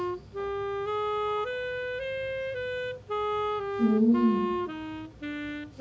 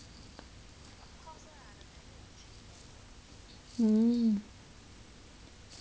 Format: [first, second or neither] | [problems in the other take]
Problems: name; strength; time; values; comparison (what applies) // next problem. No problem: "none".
second | background sound (Wind instrument, woodwind instrument); as loud as the speech // room echo; dies away in 0.6 s